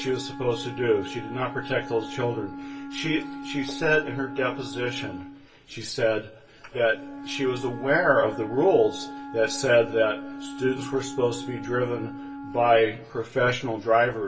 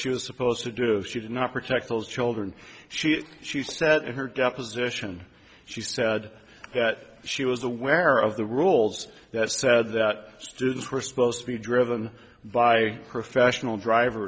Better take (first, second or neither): second